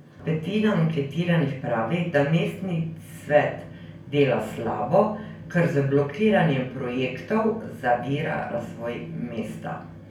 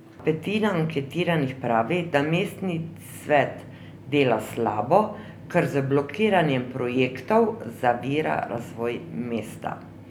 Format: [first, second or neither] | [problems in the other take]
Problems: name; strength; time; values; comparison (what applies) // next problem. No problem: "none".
second | room echo; dies away in 0.4 s